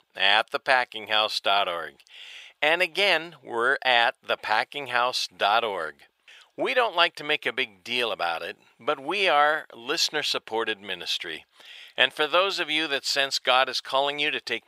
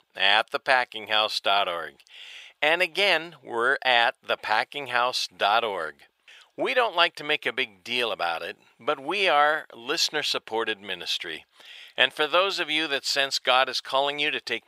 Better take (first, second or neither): neither